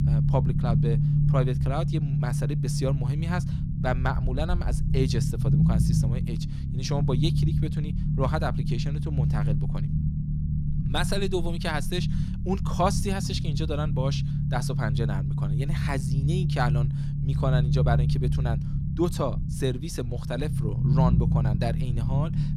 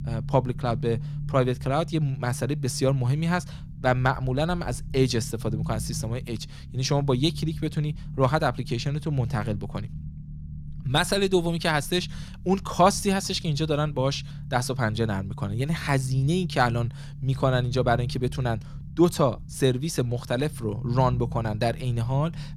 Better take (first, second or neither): second